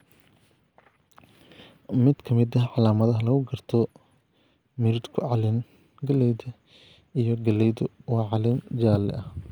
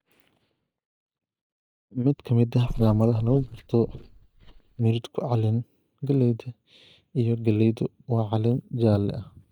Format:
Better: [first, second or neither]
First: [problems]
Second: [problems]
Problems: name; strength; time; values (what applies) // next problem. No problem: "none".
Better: first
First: none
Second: noise reduction (neural mask model DeepFilterNet 3)